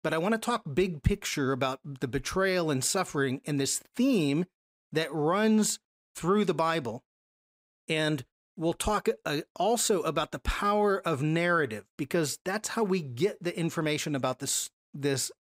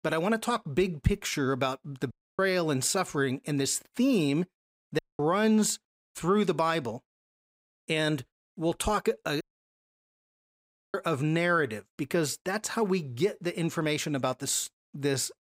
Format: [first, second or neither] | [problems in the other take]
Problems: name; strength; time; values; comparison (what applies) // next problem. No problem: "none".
first | audio cutting out; at 2 s, at 5 s and at 9.5 s for 1.5 s